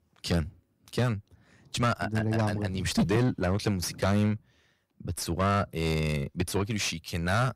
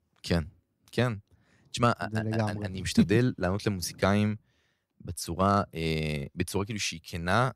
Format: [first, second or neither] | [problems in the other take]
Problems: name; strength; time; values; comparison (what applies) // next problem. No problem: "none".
second | distortion; heavy; 7 dB below the speech